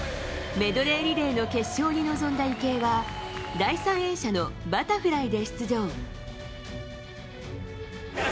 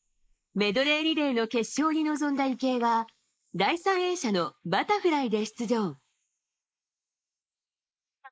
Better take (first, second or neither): first